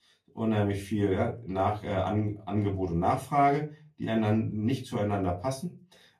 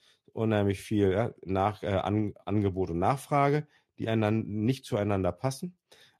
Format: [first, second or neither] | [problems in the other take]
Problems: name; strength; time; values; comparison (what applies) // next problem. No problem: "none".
second | off-mic speech; far // room echo; very slight; dies away in 0.2 s